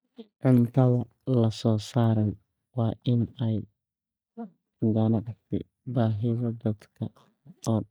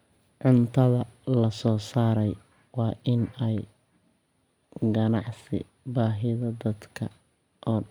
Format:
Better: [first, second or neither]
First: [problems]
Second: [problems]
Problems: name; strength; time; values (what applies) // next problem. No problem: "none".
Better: second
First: noise reduction (neural mask model DeepFilterNet 3)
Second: none